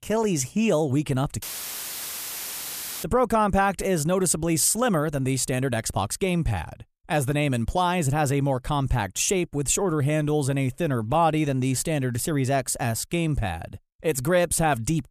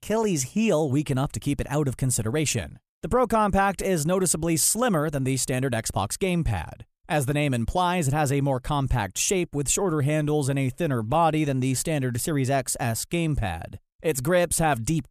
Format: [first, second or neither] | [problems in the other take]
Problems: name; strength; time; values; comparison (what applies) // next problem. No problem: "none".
second | audio cutting out; filled with static; at 1.5 s for 1.5 s